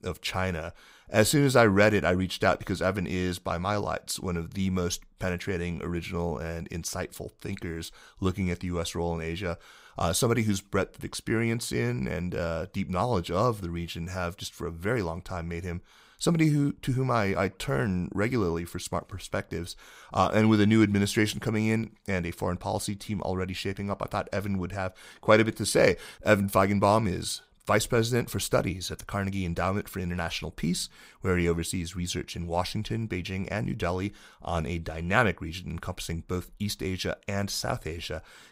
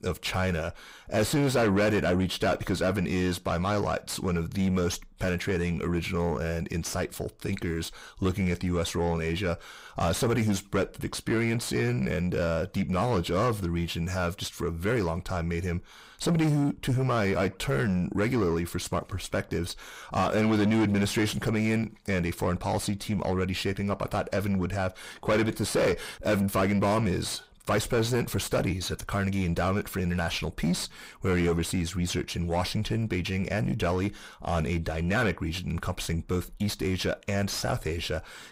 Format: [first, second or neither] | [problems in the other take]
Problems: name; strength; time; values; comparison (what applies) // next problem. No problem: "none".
first | distortion; heavy; 6 dB below the speech